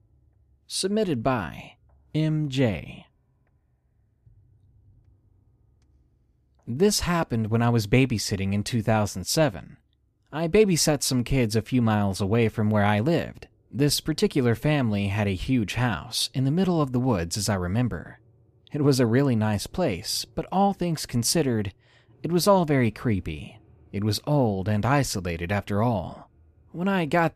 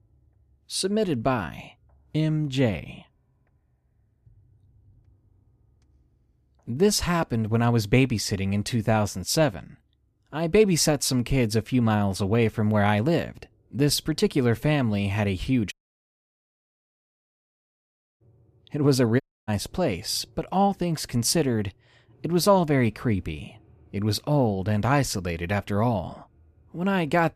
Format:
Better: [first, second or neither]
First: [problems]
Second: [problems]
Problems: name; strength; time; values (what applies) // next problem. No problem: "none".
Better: first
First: none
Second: audio cutting out; at 16 s for 2.5 s and at 19 s